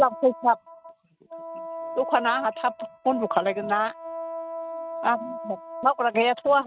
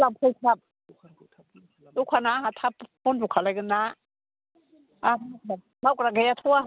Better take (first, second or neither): second